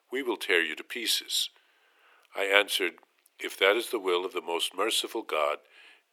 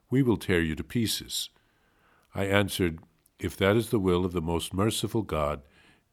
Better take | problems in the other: second | thin; very; fading below 400 Hz

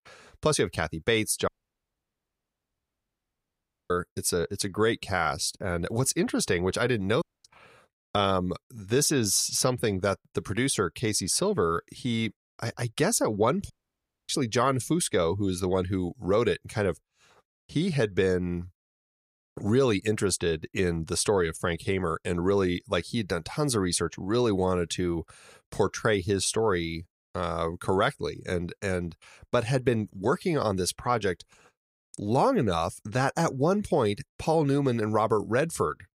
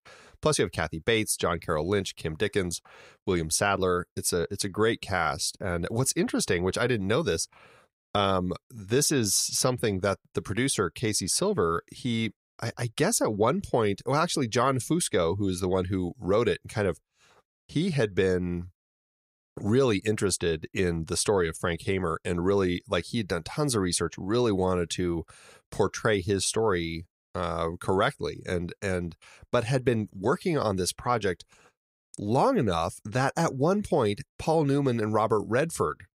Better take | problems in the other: second | audio cutting out; at 1.5 s for 2.5 s, at 7 s and at 14 s for 0.5 s

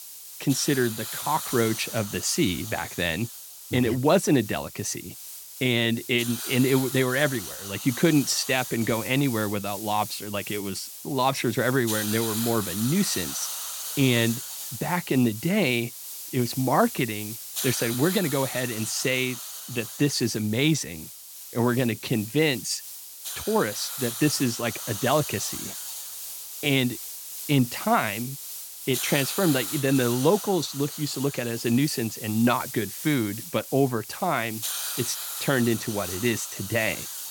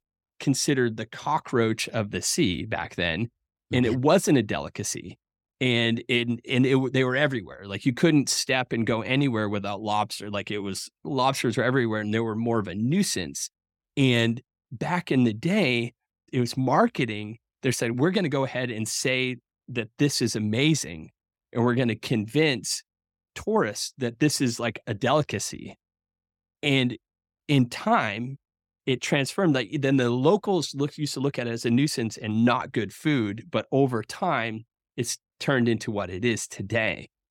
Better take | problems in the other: second | hiss; loud; throughout; 7 dB below the speech

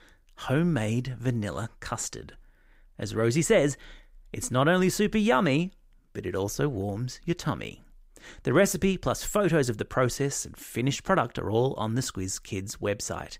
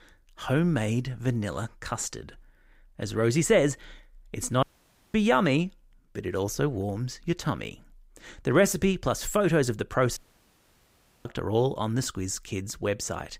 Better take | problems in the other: first | audio cutting out; at 4.5 s for 0.5 s and at 10 s for 1 s

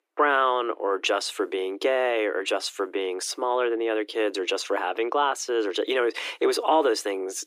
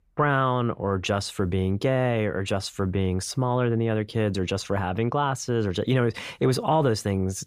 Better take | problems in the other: second | thin; very; fading below 300 Hz

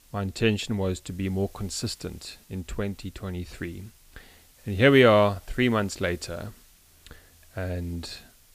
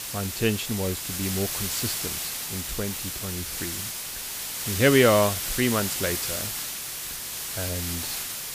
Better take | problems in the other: first | hiss; loud; throughout; 2 dB below the speech; faint in the first

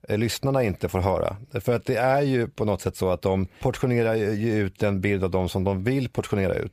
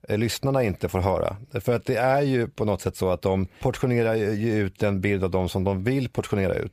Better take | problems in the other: neither | none

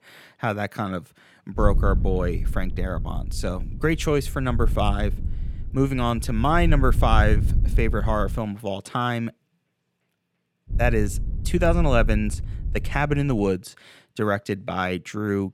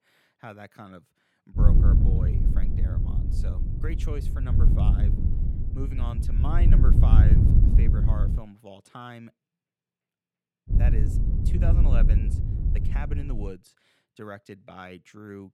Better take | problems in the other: first | wind noise on the microphone; heavy; from 1.5 to 8.5 s and from 11 to 13 s; 2 dB above the speech; occasional gusts in the first

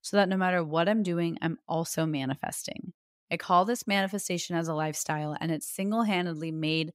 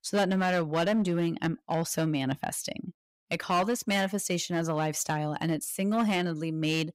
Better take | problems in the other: first | distortion; slight; 8% of the sound clipped

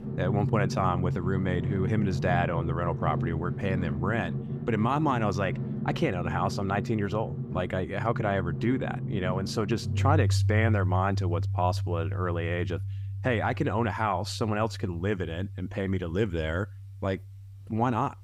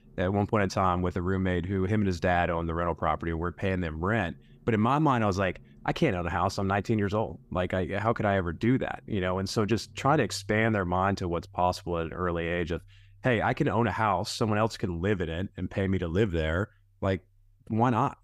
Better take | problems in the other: second | background music; loud; throughout; 2 dB below the speech; faint in the second

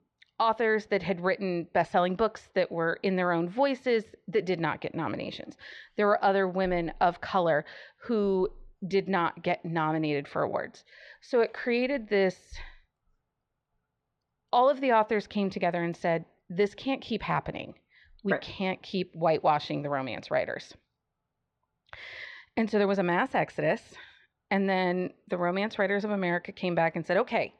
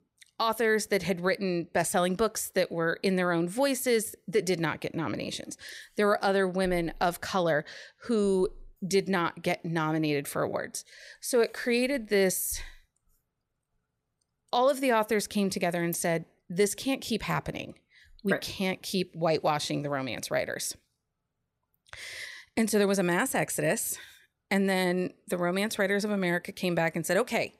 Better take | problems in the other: second | muffled; slightly; fading above 4 kHz

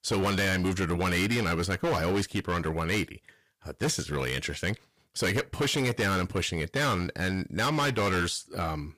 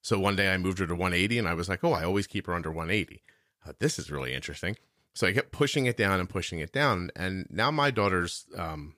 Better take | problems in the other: second | distortion; heavy; 17% of the sound clipped

